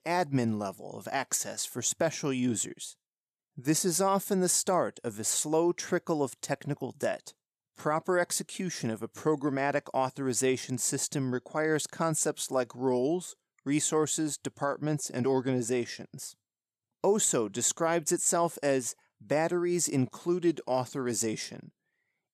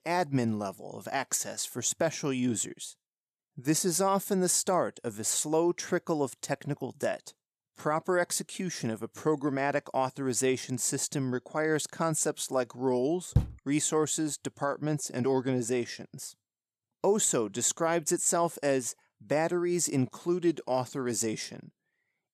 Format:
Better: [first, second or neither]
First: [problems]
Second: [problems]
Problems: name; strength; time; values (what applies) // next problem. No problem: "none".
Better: first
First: none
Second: door banging; noticeable; at 13 s; peak 1 dB below the speech